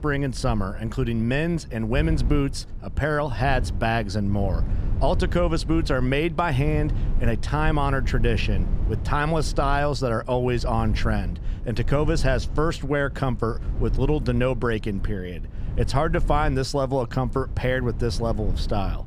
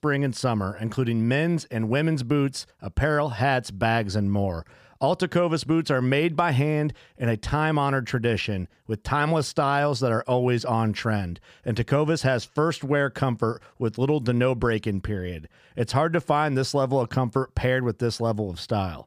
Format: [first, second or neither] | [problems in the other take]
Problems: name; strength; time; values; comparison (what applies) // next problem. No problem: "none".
second | low rumble; noticeable; throughout; 20 dB below the speech